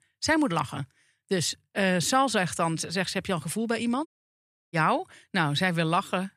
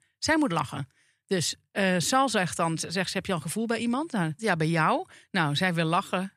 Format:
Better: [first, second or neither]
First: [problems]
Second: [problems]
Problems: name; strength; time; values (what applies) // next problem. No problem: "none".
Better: second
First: audio cutting out; at 4 s for 0.5 s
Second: none